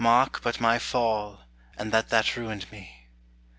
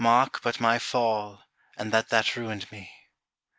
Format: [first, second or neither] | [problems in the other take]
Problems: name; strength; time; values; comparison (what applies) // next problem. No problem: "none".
first | noise reduction (neural mask model Resemble Enhance denoiser)